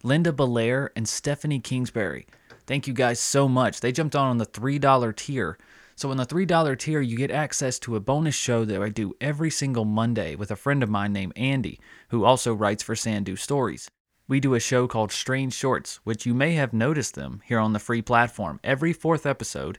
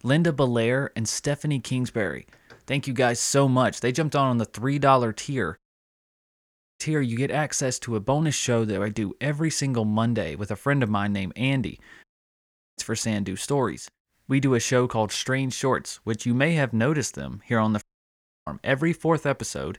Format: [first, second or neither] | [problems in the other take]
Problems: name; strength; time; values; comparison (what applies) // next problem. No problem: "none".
first | audio cutting out; at 5.5 s for 1 s, at 12 s for 0.5 s and at 18 s for 0.5 s